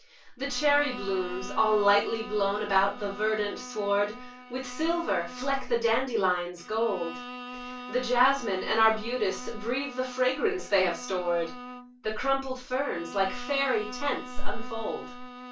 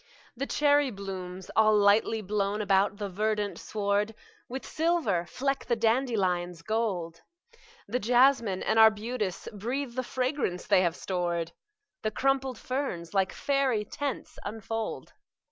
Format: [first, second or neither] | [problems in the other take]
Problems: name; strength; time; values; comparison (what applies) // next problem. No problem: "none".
second | background sound (Bowed string instrument); 14 dB below the speech // room echo; dies away in 0.2 s